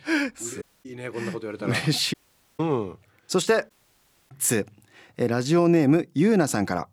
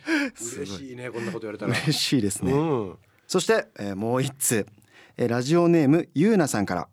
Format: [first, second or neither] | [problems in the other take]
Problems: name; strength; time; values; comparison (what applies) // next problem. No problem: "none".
second | audio cutting out; at 0.5 s, at 2 s and at 3.5 s for 0.5 s